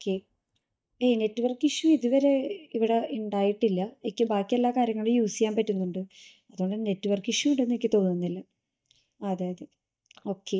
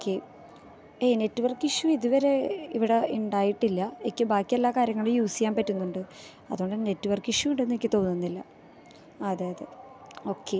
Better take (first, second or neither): second